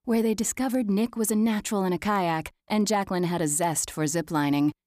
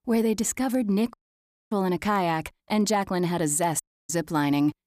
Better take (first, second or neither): first